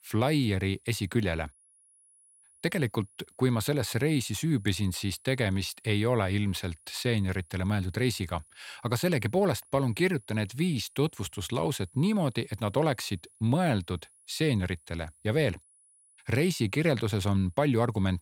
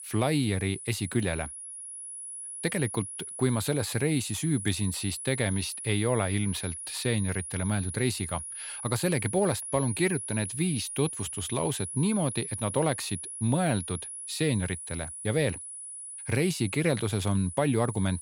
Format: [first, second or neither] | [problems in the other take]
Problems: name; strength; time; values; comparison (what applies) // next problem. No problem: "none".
first | high-pitched whine; loud; throughout; 10.5 kHz, 7 dB below the speech; faint in the first